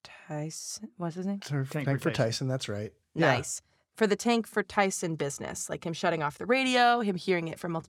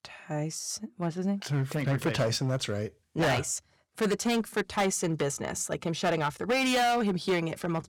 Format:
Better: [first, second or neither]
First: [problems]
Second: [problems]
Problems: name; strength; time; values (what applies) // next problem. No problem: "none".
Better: first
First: none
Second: distortion; heavy; 9% of the sound clipped